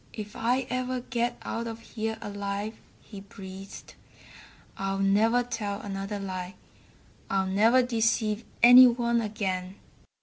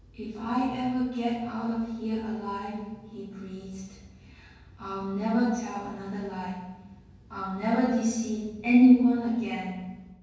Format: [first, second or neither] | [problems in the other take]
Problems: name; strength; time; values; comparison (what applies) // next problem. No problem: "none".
first | room echo; dies away in 1.3 s